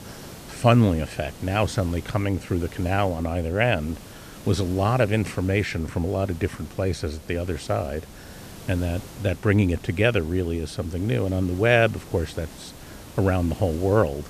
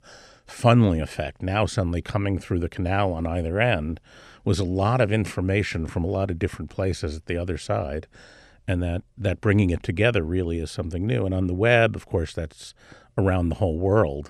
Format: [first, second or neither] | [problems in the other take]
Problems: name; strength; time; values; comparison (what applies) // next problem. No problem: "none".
second | hiss; noticeable; throughout; 20 dB below the speech